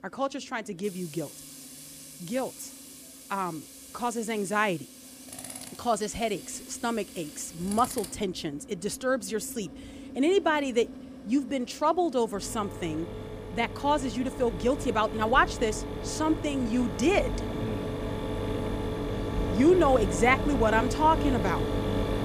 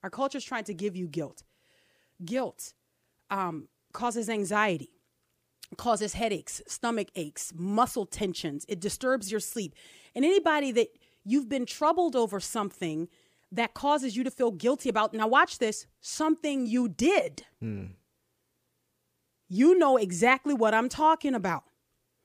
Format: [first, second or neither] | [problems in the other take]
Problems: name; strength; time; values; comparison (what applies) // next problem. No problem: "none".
second | machinery noise; loud; throughout; 7 dB below the speech